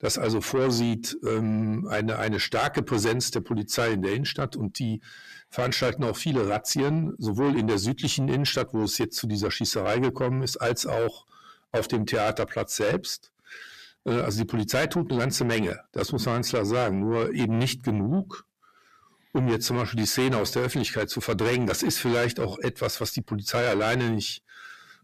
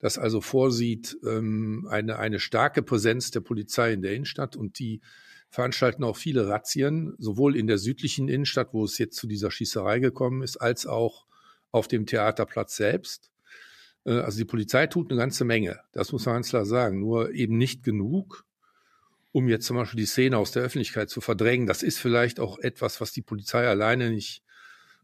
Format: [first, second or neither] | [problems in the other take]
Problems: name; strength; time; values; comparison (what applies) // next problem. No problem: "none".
second | distortion; heavy; 7 dB below the speech